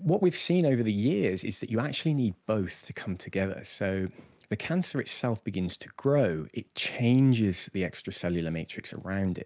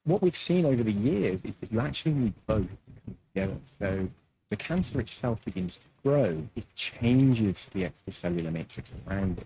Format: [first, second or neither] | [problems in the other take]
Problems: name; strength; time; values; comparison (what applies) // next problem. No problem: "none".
first | noise reduction (neural mask model RNNoise)